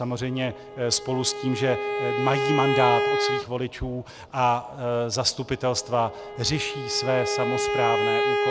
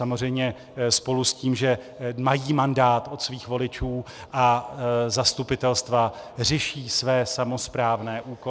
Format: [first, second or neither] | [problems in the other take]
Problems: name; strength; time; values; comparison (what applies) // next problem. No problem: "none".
second | background sound (Bowed string instrument); 2 dB below the speech